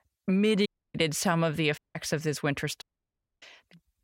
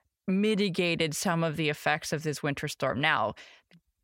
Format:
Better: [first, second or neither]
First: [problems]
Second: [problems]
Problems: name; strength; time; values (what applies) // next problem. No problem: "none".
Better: second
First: audio cutting out; at 0.5 s, at 2 s and at 3 s for 0.5 s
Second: none